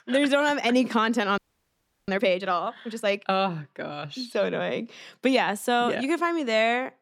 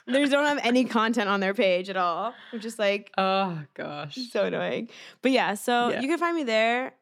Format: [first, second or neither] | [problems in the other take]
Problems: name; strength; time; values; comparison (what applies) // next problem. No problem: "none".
second | audio freezing; at 1.5 s for 0.5 s